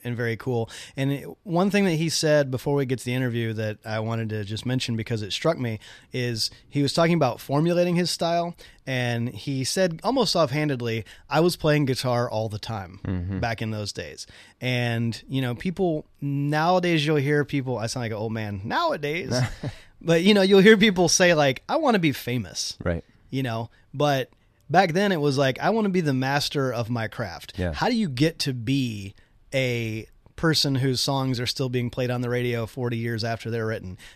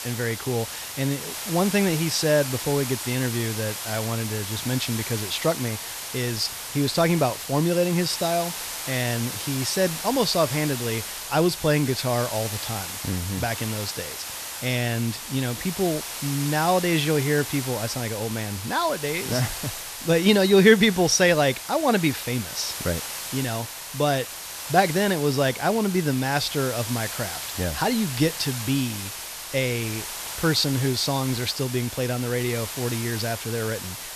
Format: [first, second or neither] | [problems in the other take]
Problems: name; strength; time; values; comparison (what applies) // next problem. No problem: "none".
first | hiss; loud; throughout; 7 dB below the speech